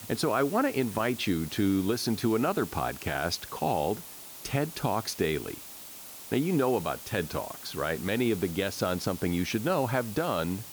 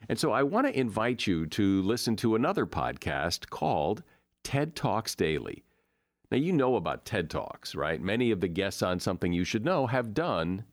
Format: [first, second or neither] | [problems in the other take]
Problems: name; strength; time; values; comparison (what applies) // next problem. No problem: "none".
second | hiss; noticeable; throughout; 10 dB below the speech